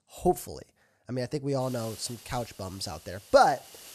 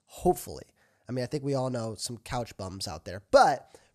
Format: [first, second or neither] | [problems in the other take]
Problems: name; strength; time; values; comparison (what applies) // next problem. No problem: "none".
second | hiss; noticeable; from 1.5 s on; 20 dB below the speech